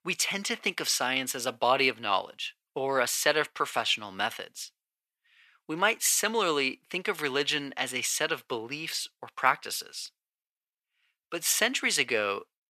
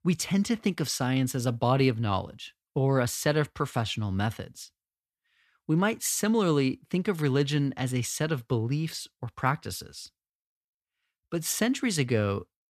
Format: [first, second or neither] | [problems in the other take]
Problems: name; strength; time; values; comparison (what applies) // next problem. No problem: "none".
second | thin; very; fading below 550 Hz